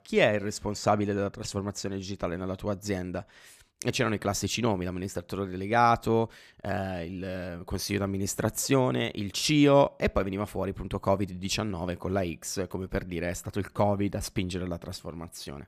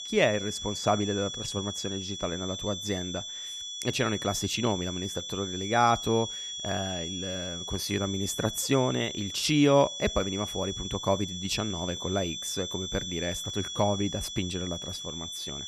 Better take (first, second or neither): first